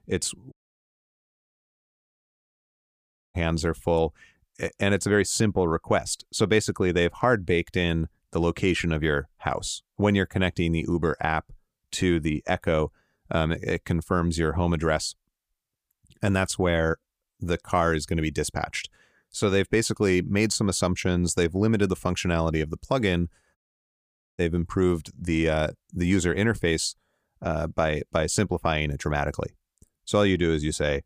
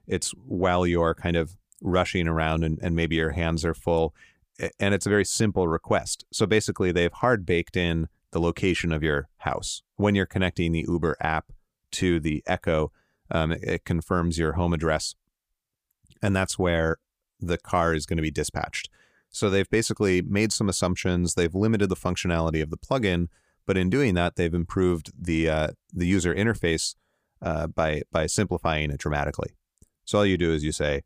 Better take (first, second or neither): second